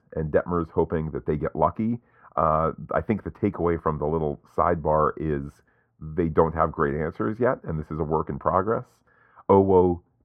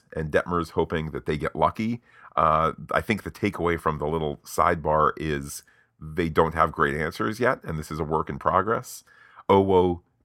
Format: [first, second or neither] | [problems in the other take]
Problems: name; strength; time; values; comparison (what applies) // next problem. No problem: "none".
second | muffled; very; fading above 2.5 kHz